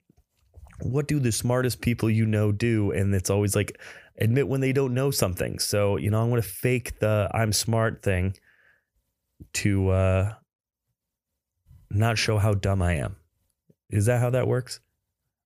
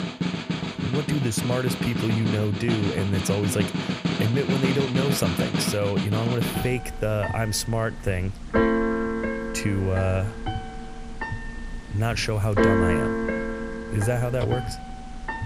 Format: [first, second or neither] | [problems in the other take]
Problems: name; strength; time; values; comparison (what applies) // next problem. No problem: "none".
first | background music; loud; throughout; 1 dB below the speech